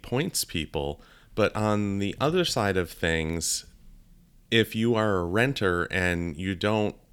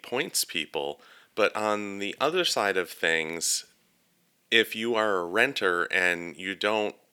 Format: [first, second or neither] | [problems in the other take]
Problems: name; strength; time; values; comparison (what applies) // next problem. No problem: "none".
first | thin; somewhat; fading below 400 Hz